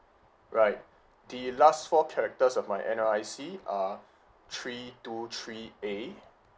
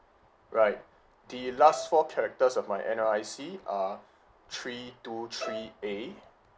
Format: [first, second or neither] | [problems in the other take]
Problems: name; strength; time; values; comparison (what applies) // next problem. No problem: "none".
first | background sound (Bowed string instrument); 11 dB below the speech